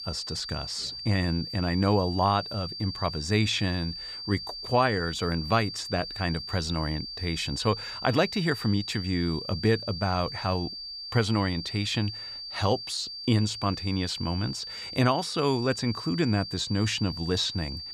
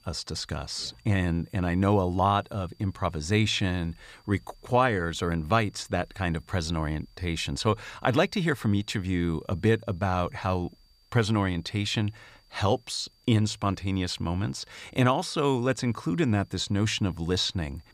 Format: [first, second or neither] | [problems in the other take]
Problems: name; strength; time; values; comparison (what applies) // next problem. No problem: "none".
second | high-pitched whine; loud; throughout; 4.5 kHz, 8 dB below the speech; faint in the second